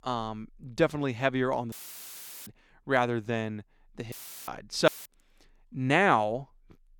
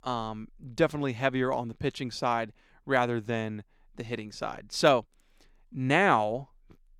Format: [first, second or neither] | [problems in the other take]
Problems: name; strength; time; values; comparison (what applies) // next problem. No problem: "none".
second | audio cutting out; filled with static; at 1.5 s for 1 s, at 4 s and at 5 s